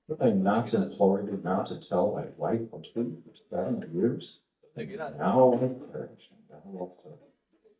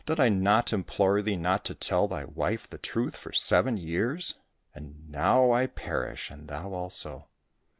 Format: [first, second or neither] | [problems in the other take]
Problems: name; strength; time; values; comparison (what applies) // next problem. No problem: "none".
second | noise reduction (neural mask model DeepFilterNet 3)